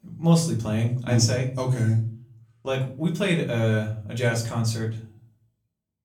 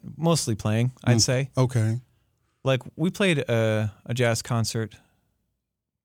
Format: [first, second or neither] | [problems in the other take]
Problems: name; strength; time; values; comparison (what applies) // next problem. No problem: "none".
second | room echo; slight; dies away in 0.4 s // off-mic speech; far